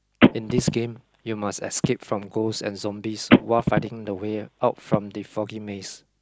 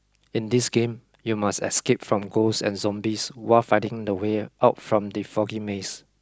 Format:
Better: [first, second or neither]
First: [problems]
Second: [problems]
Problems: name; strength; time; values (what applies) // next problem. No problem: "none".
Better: second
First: background sound (Telephone); 3 dB above the speech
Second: none